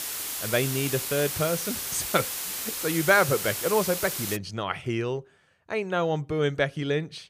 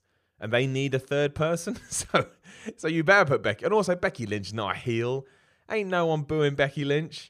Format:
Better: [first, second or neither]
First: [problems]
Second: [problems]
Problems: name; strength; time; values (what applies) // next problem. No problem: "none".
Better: second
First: hiss; loud; until 4.5 s; 3 dB below the speech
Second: none